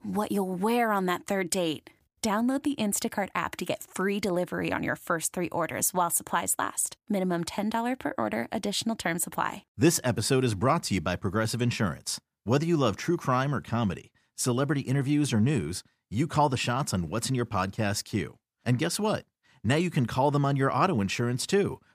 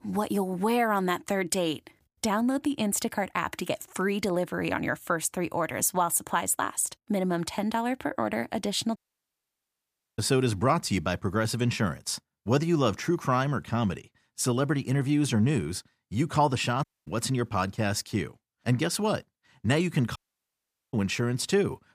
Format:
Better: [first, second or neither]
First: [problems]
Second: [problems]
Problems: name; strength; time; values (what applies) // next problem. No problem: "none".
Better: first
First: none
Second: audio cutting out; at 9 s for 1 s, at 17 s and at 20 s for 1 s